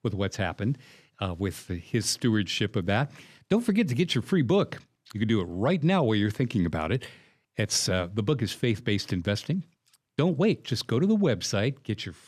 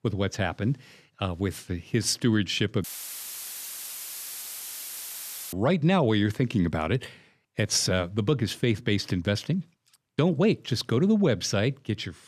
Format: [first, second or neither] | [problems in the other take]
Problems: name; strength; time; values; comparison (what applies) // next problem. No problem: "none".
first | audio cutting out; filled with static; at 3 s for 2.5 s